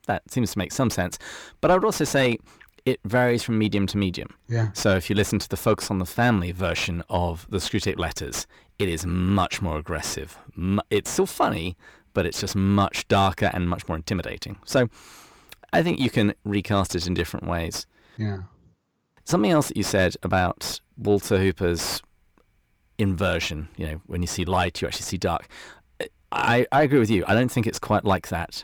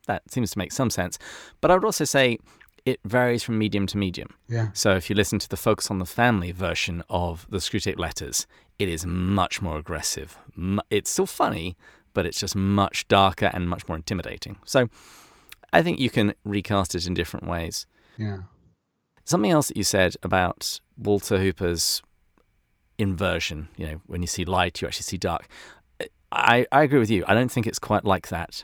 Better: second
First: distortion; slight; 10 dB below the speech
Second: none

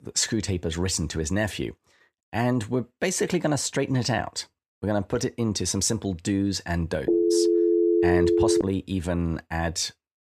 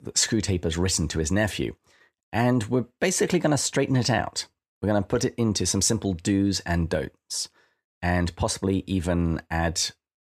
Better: second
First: phone ringing; loud; from 7 to 8.5 s; peak 6 dB above the speech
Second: none

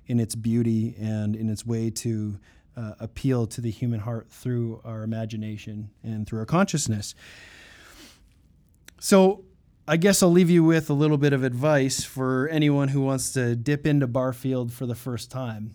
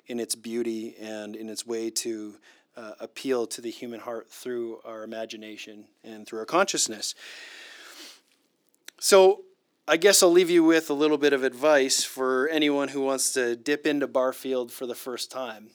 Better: first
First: none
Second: thin; somewhat; fading below 350 Hz

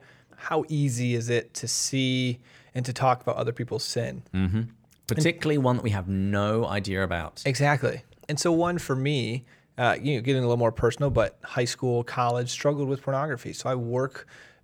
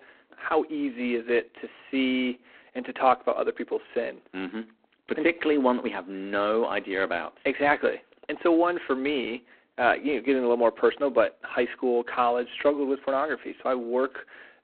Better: first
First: none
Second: phone-call audio; poor line

